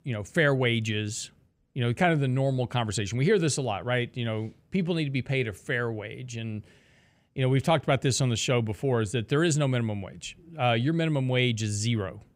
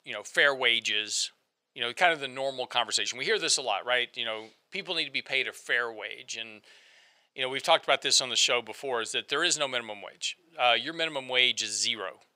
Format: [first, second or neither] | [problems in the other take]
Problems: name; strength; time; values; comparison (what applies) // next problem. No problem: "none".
first | thin; very; fading below 750 Hz